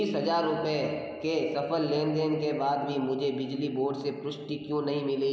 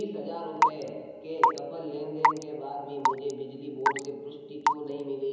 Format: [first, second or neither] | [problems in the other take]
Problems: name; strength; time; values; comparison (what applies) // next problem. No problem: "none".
first | background sound (Raindrop / Drip / Water tap, faucet); 5 dB above the speech // room echo; dies away in 0.7 s